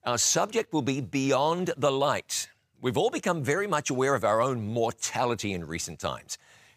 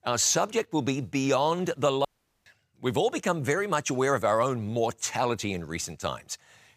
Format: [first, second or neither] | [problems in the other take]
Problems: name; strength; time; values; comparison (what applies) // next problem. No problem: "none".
first | audio cutting out; at 2 s